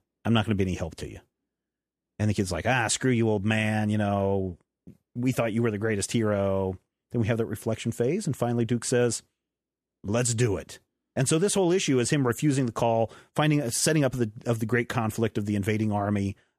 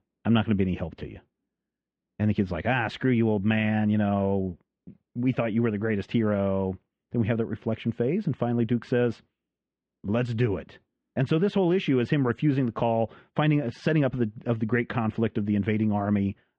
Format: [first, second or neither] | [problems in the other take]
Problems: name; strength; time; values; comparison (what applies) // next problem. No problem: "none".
first | muffled; very; fading above 3 kHz